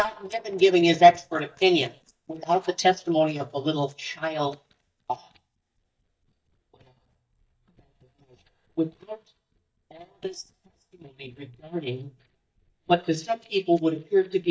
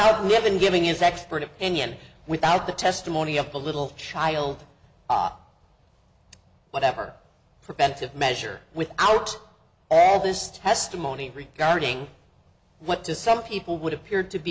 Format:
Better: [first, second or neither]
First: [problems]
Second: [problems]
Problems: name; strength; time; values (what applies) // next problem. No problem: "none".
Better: second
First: noise reduction (neural mask model DeepFilterNet 3)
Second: none